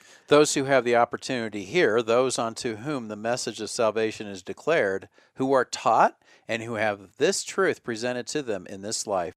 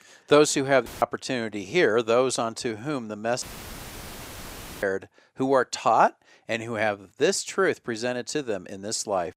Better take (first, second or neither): first